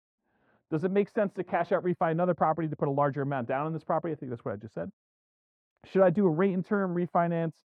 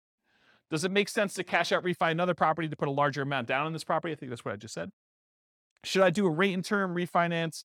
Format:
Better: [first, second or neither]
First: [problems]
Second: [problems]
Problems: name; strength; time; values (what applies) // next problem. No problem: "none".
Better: second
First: muffled; very; fading above 2.5 kHz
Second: none